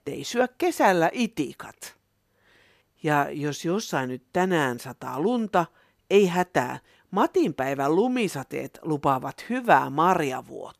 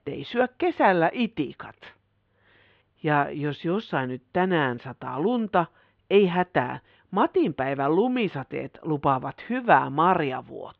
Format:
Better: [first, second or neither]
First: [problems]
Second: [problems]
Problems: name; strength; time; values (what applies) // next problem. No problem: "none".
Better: first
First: none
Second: muffled; very; fading above 3.5 kHz